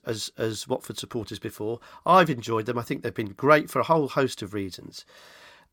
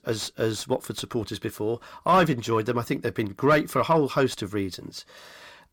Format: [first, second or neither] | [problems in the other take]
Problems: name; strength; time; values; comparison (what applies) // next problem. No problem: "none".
first | distortion; slight; 10 dB below the speech